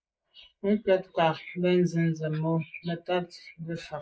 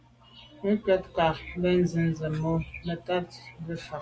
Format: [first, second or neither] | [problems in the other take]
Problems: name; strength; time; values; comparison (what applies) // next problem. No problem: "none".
second | noise reduction (neural mask model Resemble Enhance denoiser)